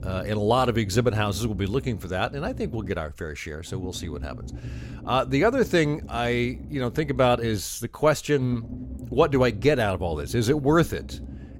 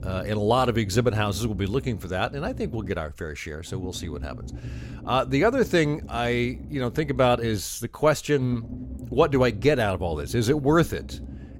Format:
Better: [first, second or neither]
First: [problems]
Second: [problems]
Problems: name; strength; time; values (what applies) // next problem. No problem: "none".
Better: neither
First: low rumble; faint; throughout; 20 dB below the speech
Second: low rumble; faint; throughout; 20 dB below the speech